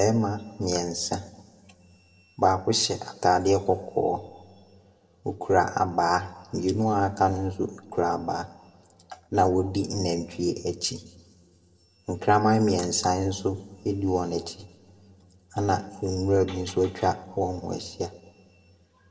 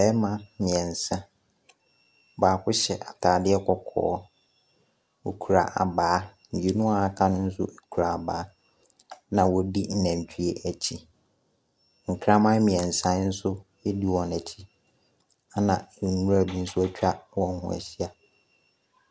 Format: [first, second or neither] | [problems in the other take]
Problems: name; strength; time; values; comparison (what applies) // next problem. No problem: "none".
second | room echo; dies away in 1.2 s